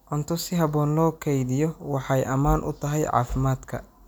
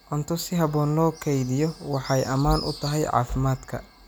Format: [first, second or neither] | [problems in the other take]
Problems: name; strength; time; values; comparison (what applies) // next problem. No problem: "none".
first | background sound (Bird); 19 dB below the speech